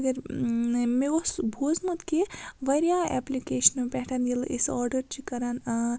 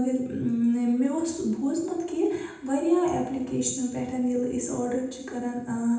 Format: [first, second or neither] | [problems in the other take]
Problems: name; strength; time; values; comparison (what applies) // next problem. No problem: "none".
first | room echo; dies away in 0.8 s